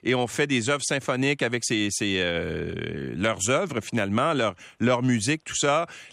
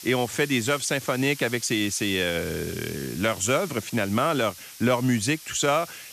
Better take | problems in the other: first | hiss; noticeable; throughout; 15 dB below the speech

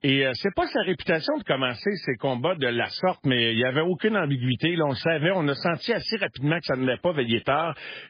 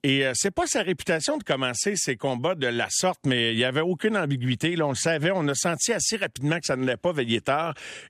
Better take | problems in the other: second | garbled, watery; badly; nothing above 5 kHz

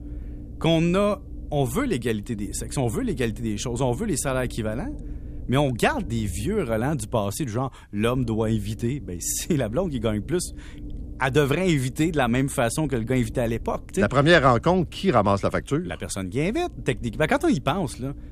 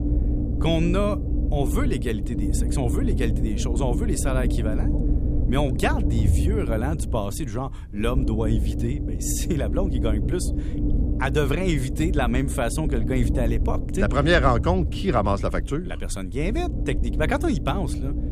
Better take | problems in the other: first | low rumble; loud; throughout; 8 dB below the speech; faint in the first

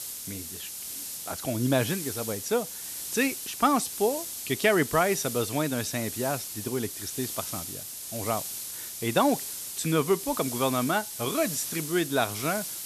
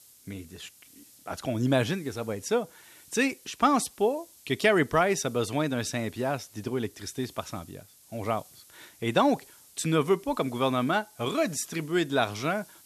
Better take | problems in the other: second | hiss; loud; throughout; 6 dB below the speech; faint in the second

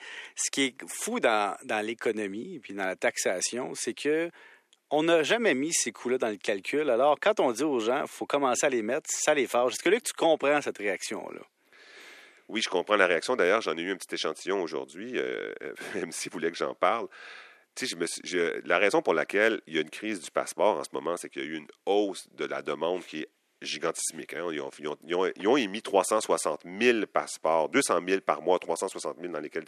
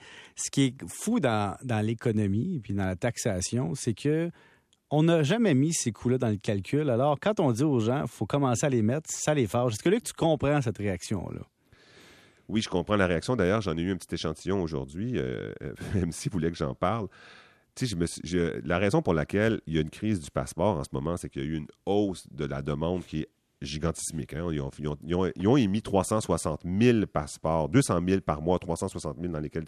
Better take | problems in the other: second | thin; somewhat; fading below 350 Hz

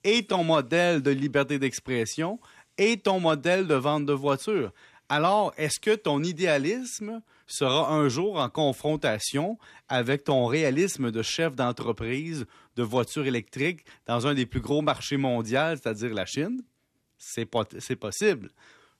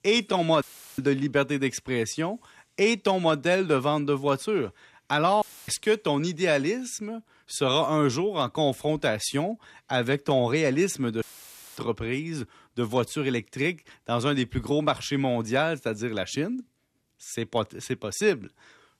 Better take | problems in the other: first | audio cutting out; filled with static; at 0.5 s, at 5.5 s and at 11 s for 0.5 s

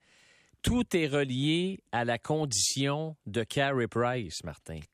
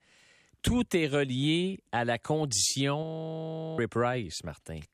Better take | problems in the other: first | audio freezing; at 3 s for 1 s

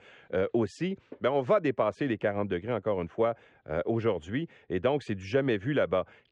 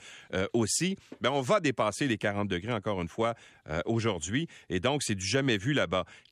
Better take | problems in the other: second | muffled; very; fading above 2.5 kHz

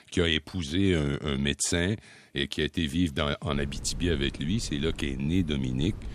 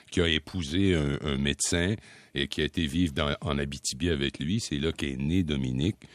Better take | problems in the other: second | wind noise on the microphone; occasional gusts; from 3.5 s on; 20 dB below the speech

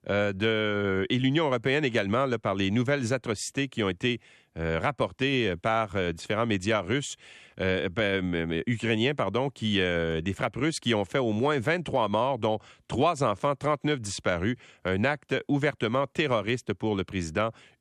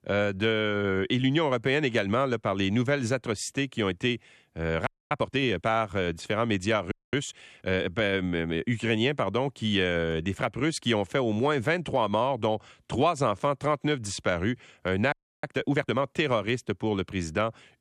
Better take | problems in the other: first | audio freezing; at 5 s, at 7 s and at 15 s

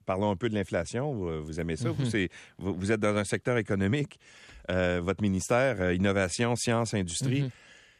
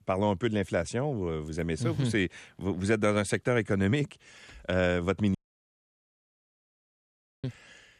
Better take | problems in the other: first | audio cutting out; at 5.5 s for 2 s

